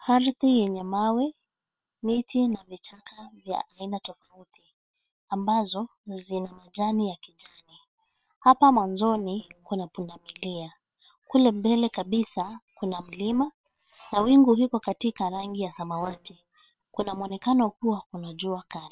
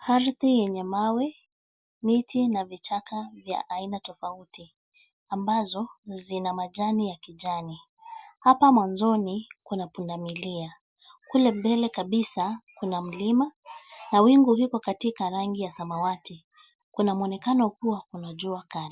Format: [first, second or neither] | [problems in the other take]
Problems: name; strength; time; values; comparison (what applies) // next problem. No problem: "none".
second | noise reduction (neural separator model SepFormer WHAM!)